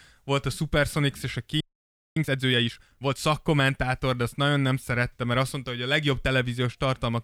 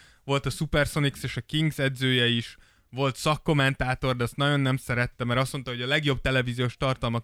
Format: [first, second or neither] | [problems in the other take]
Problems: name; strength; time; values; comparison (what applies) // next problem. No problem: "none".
second | audio freezing; at 1.5 s for 0.5 s